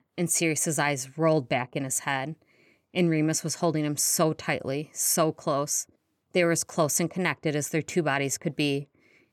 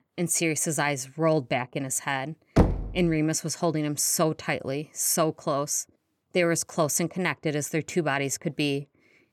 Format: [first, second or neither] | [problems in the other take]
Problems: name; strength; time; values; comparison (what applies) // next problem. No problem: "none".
first | door banging; loud; at 2.5 s; peak 3 dB above the speech